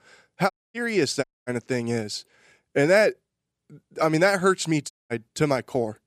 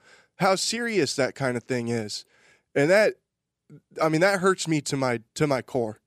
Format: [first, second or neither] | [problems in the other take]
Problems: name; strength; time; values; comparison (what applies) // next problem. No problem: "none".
second | audio cutting out; at 0.5 s, at 1 s and at 5 s